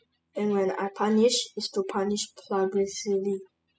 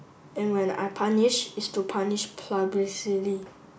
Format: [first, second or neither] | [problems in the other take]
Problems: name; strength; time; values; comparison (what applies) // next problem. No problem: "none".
second | noise reduction (classical method spectral subtraction)